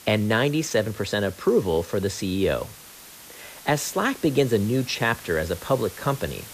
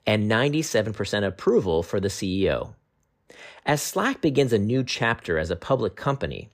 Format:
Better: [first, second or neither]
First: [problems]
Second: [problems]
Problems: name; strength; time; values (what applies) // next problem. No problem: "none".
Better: second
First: hiss; noticeable; throughout; 15 dB below the speech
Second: none